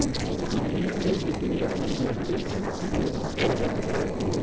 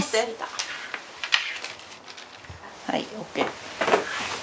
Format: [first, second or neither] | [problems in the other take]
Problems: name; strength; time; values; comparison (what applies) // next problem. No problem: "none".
second | noise reduction (neural separator model SepFormer DNS4)